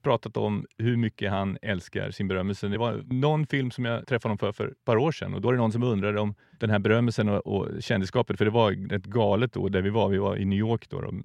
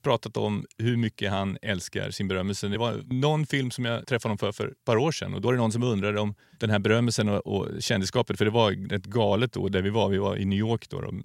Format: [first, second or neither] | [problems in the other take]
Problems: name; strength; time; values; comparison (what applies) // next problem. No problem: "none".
second | muffled; slightly; fading above 4 kHz